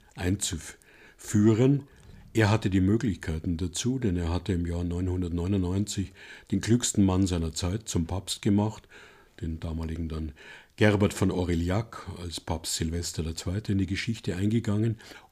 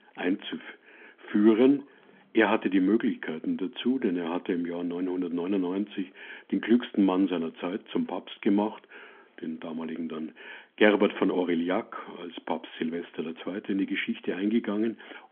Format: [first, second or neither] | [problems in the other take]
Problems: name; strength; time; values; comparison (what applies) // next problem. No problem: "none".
first | phone-call audio; nothing above 3.5 kHz